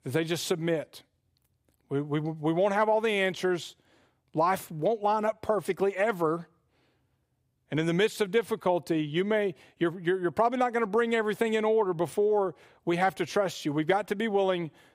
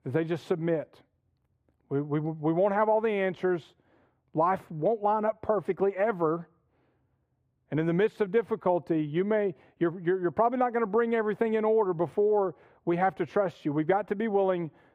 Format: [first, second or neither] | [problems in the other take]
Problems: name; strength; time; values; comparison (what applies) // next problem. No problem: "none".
first | muffled; very; fading above 3 kHz